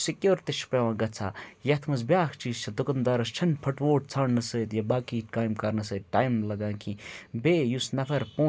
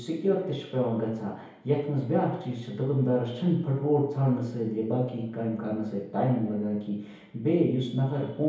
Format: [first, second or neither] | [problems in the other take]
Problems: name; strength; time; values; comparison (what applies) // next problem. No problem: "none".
first | room echo; dies away in 2.2 s